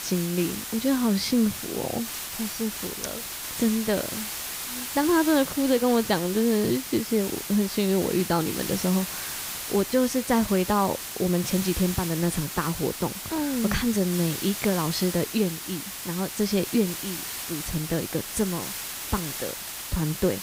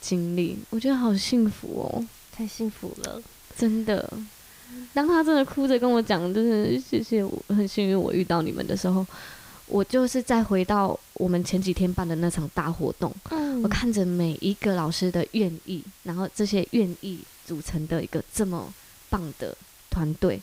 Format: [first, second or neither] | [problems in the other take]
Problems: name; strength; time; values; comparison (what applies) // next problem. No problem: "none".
second | hiss; loud; throughout; 6 dB below the speech; faint in the second